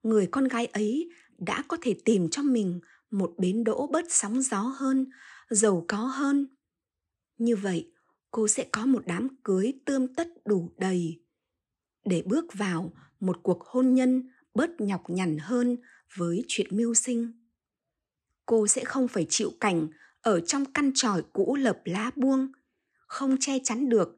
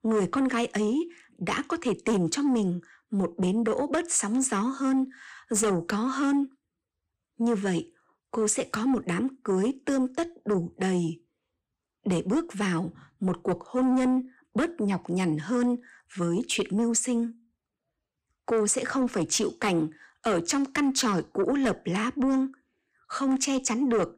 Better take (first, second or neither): first